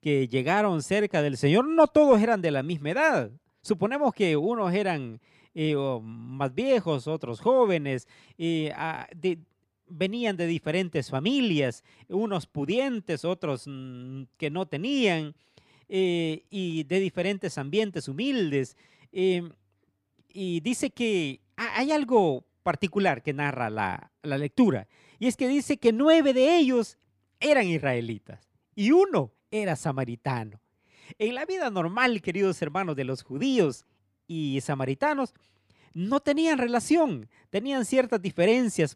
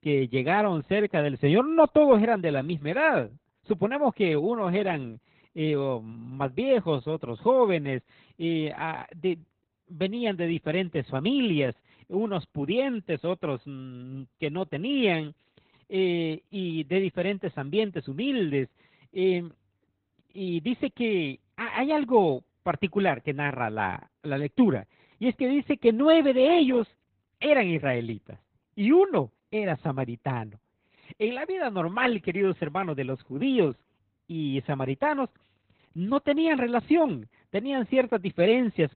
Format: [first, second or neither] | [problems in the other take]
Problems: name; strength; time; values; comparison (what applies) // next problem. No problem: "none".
first | garbled, watery; badly; nothing above 4 kHz